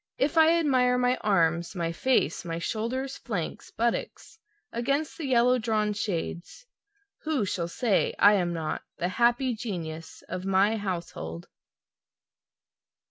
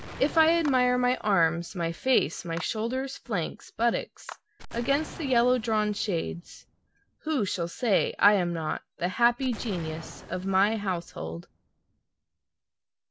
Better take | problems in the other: first | background sound (Explosion + Clapping); 18 dB below the speech

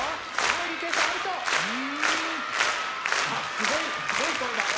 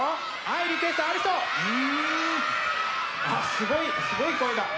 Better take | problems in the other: second | background sound (Applause); 3 dB above the speech

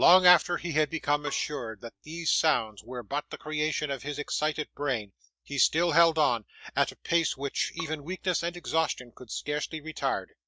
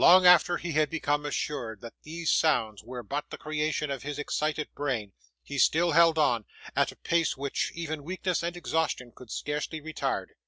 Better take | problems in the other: second | noise reduction (neural mask model DeepFilterNet 3)

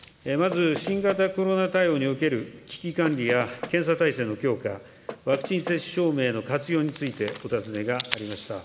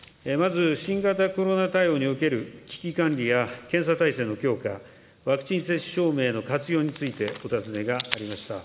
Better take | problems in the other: second | background sound (Knock); 12 dB below the speech

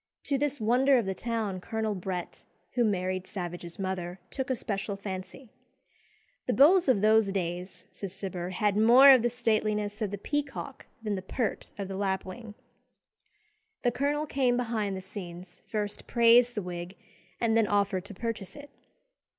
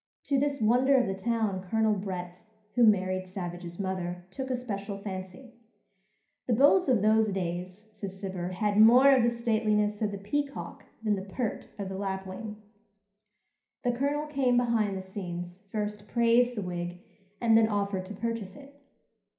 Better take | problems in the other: first | room echo; dies away in 0.5 s

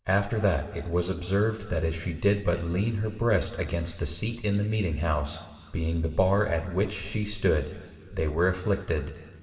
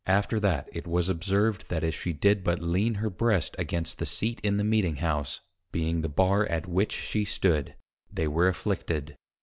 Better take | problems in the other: second | room echo; dies away in 2.3 s

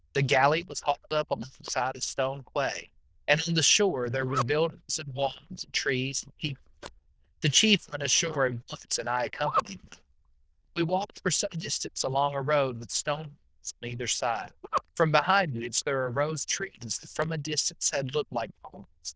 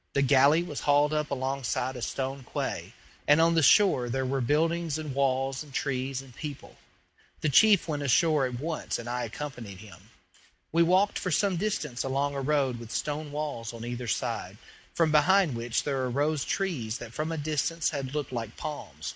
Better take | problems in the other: second | noise reduction (neural diffusion model UNIVERSE++)

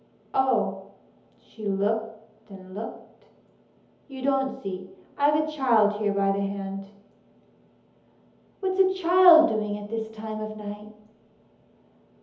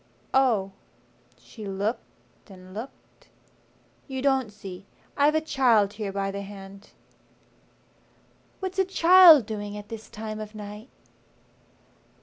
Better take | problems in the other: second | room echo; dies away in 0.8 s

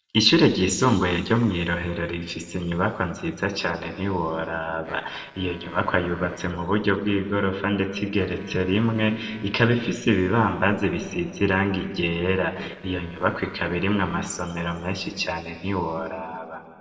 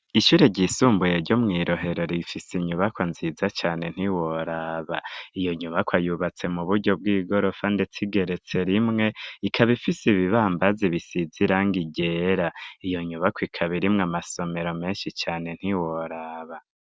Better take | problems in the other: second | noise reduction (neural separator model SepFormer DNS4)

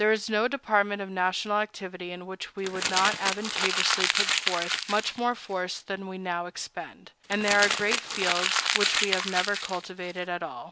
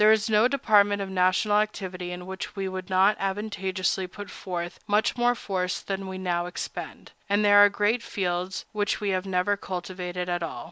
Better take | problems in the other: second | background sound (Crumpling, crinkling); 1 dB above the speech

